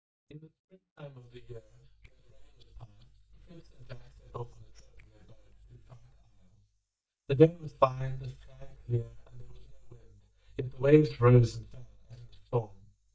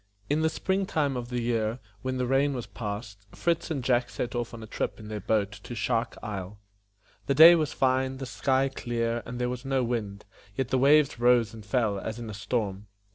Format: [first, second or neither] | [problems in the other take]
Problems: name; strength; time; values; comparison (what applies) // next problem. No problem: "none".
second | noise reduction (neural mask model DeepFilterNet 3)